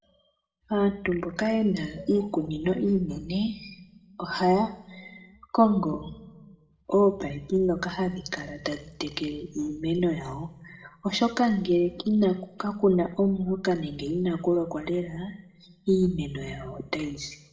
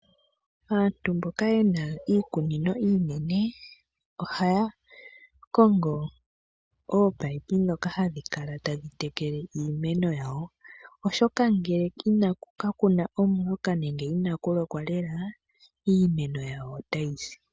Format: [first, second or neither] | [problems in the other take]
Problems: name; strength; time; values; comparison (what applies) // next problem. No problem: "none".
second | room echo; dies away in 0.7 s